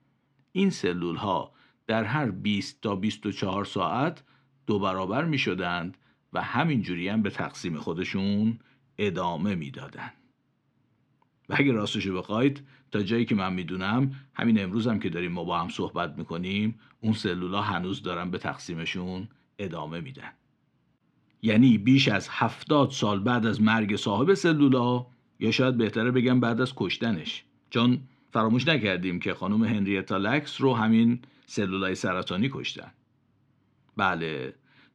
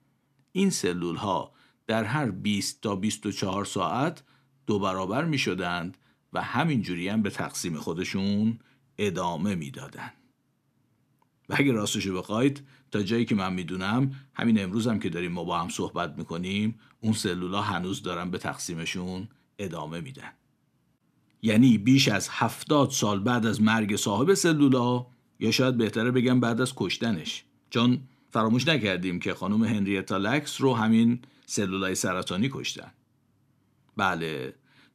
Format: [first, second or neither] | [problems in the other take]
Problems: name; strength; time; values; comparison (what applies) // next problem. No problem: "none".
second | muffled; slightly; fading above 3 kHz